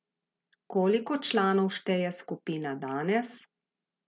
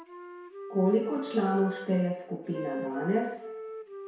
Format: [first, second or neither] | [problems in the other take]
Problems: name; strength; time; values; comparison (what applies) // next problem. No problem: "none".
first | background sound (Wind instrument, woodwind instrument); 11 dB below the speech // room echo; dies away in 0.7 s